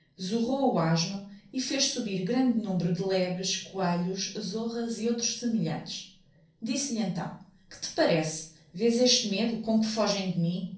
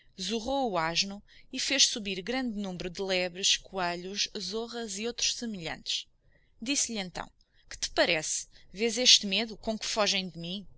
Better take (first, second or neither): second